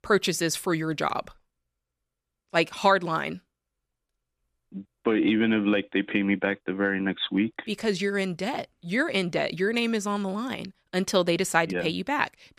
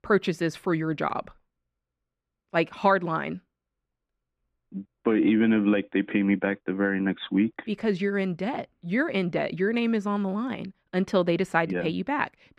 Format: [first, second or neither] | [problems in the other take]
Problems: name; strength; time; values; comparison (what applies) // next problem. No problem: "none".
first | muffled; slightly; fading above 4 kHz